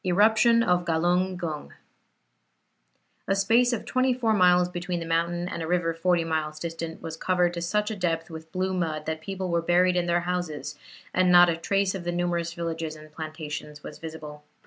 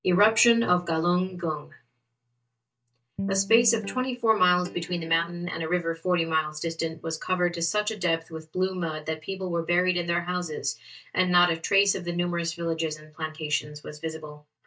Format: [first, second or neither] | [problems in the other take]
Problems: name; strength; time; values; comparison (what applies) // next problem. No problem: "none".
first | noise reduction (neural mask model DeepFilterNet 3)